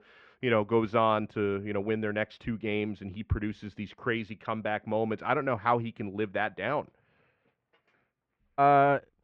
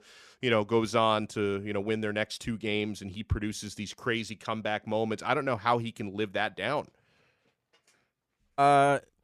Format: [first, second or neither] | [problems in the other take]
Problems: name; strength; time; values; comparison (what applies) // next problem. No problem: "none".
second | muffled; very; fading above 2.5 kHz